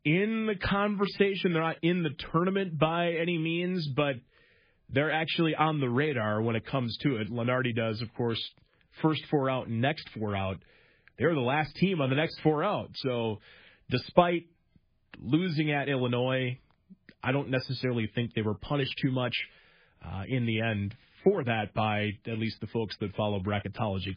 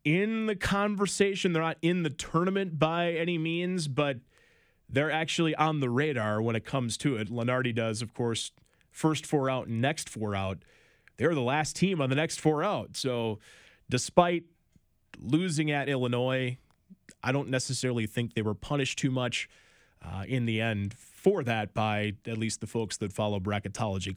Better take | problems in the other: second | garbled, watery; badly; nothing above 5 kHz

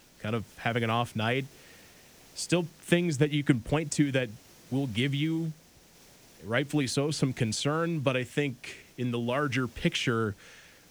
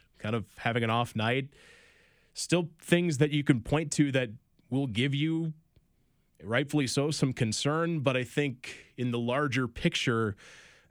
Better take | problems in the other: second | hiss; faint; throughout; 25 dB below the speech

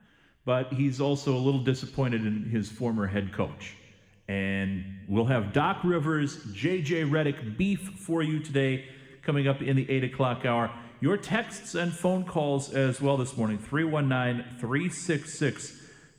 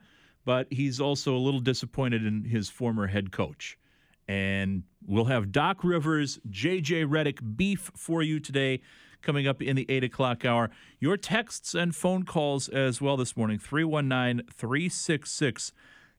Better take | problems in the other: second | room echo; very slight; dies away in 1.3 s

